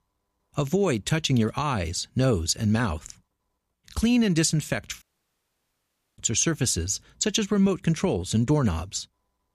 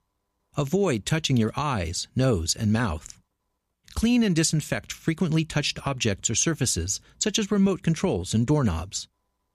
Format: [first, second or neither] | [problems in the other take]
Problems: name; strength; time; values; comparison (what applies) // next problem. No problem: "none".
second | audio cutting out; at 5 s for 1 s